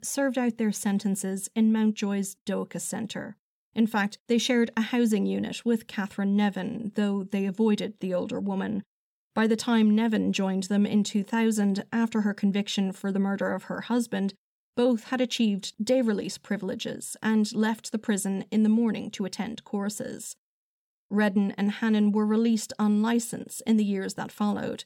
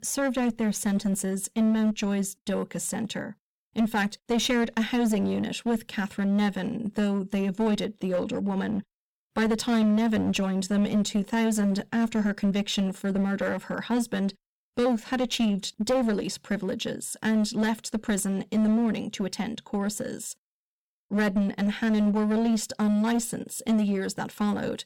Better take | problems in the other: first | distortion; slight; 12% of the sound clipped

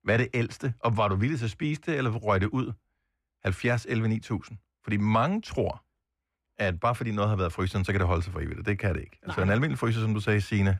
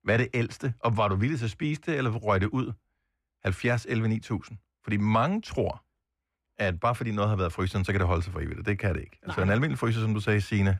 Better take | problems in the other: neither | muffled; very; fading above 3 kHz; the same in both

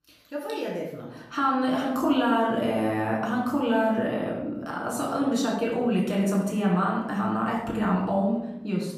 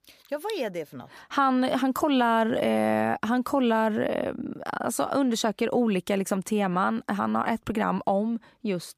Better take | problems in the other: second | off-mic speech; far // room echo; noticeable; dies away in 0.9 s

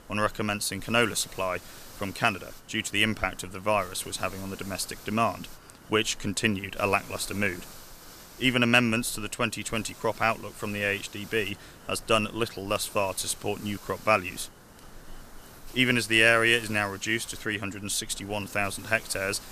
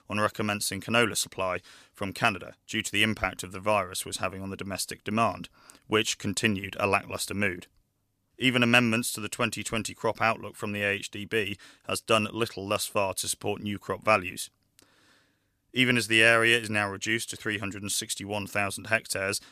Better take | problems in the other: second | hiss; noticeable; throughout; 20 dB below the speech

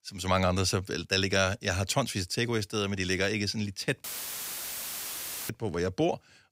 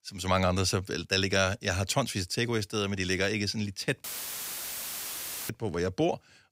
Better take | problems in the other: neither | audio cutting out; filled with static; at 4 s for 1.5 s; the same in both

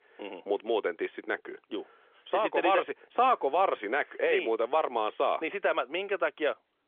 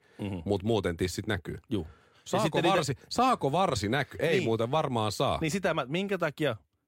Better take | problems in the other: second | phone-call audio; nothing above 3.5 kHz

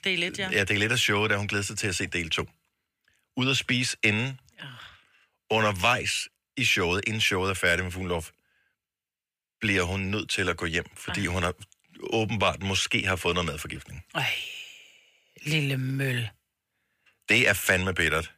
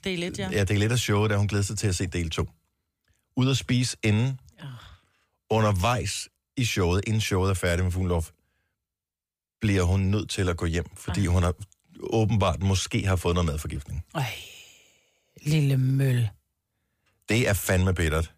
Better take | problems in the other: second | thin; somewhat; fading below 450 Hz

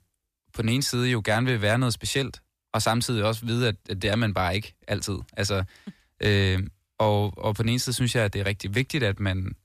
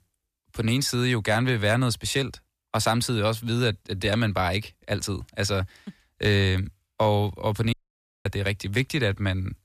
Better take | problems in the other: first | audio cutting out; at 7.5 s for 0.5 s

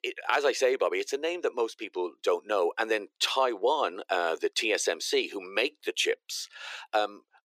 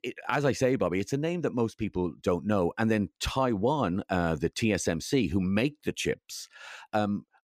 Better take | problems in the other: second | thin; very; fading below 400 Hz

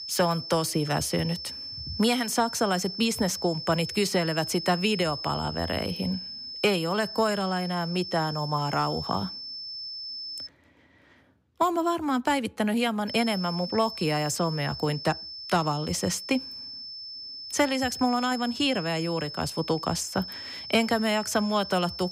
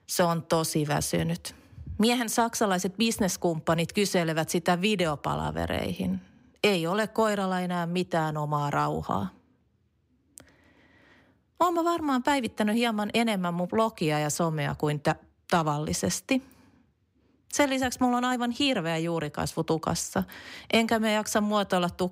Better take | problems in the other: second | high-pitched whine; loud; until 10 s and from 13 s on; 5.5 kHz, 8 dB below the speech

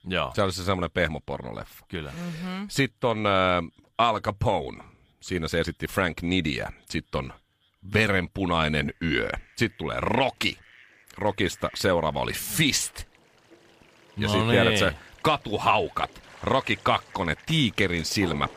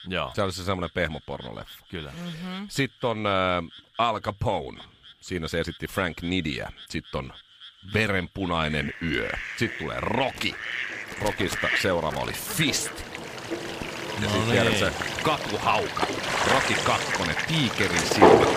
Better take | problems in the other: first | animal sounds; loud; throughout; as loud as the speech; faint in the first

